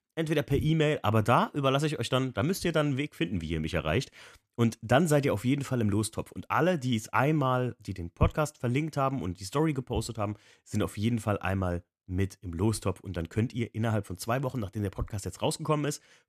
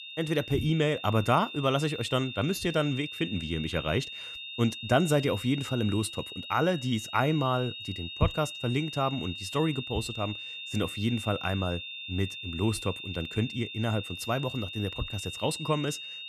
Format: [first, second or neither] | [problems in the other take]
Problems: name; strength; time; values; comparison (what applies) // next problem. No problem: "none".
first | high-pitched whine; loud; throughout; 3.5 kHz, 8 dB below the speech